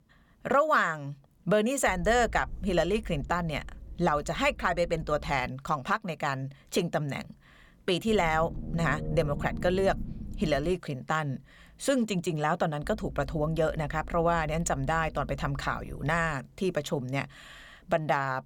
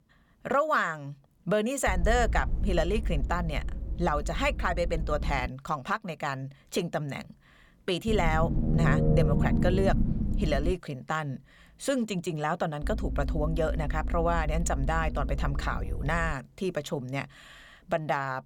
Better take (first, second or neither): first